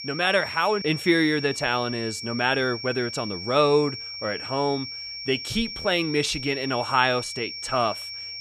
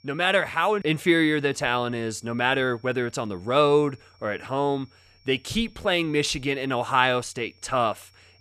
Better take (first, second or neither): second